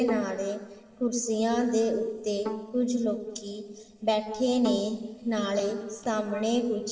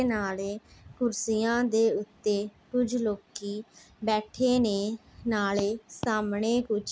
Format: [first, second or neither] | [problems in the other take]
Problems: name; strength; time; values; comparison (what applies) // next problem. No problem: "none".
second | noise reduction (neural separator model SepFormer DNS4)